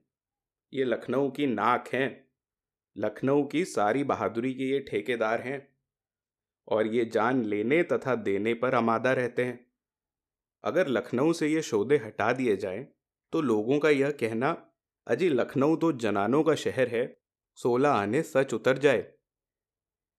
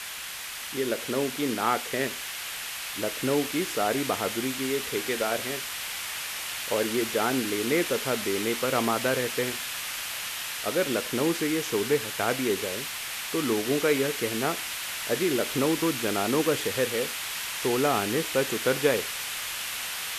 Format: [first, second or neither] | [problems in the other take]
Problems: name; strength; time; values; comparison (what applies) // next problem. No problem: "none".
first | hiss; loud; throughout; 3 dB below the speech